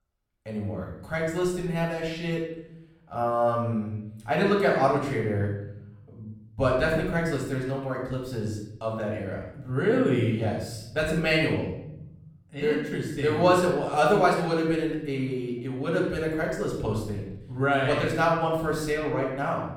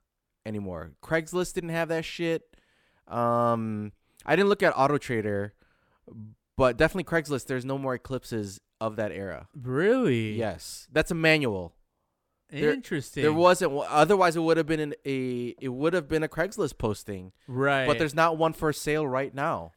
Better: second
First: off-mic speech; far // room echo; noticeable; dies away in 1 s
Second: none

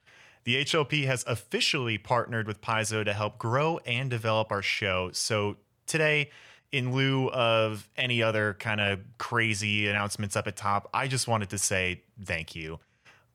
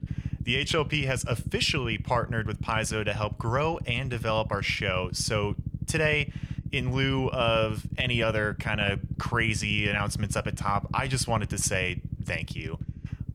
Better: first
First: none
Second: low rumble; noticeable; throughout; 20 dB below the speech

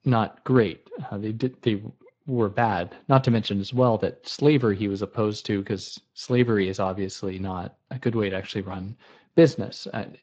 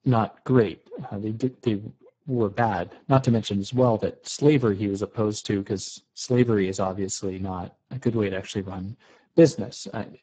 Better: first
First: garbled, watery; slightly; nothing above 7.5 kHz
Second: garbled, watery; badly; nothing above 7.5 kHz

